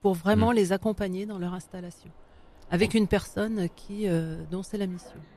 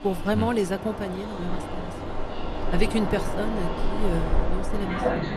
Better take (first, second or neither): first